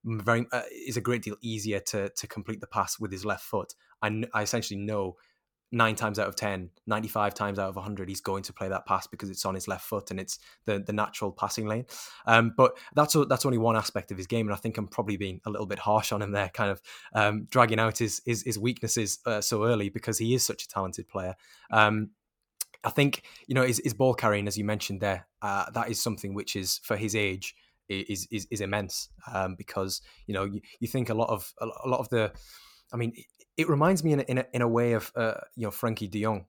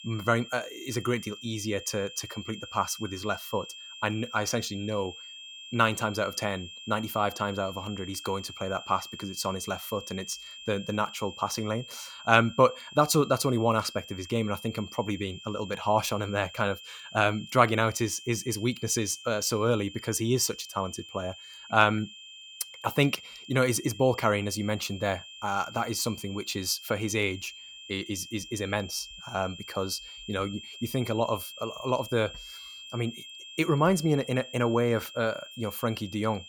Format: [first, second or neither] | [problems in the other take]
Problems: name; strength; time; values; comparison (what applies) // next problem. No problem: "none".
first | high-pitched whine; noticeable; throughout; 3 kHz, 15 dB below the speech